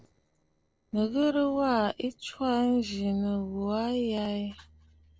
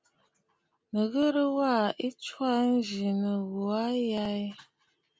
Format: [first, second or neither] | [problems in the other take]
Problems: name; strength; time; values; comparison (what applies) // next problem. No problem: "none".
second | noise reduction (neural separator model SepFormer DNS4)